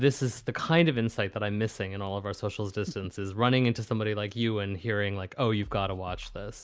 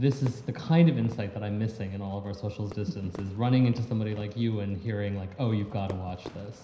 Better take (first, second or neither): first